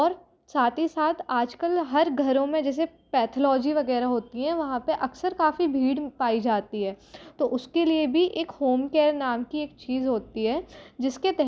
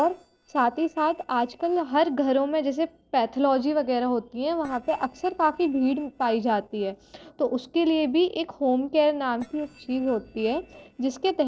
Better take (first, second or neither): first